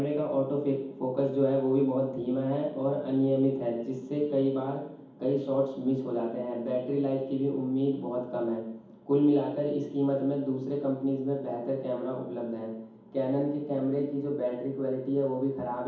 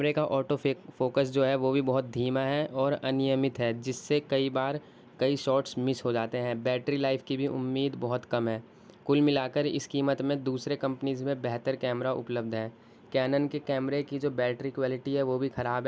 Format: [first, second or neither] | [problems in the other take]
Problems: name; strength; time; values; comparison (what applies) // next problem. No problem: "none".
second | room echo; dies away in 1.2 s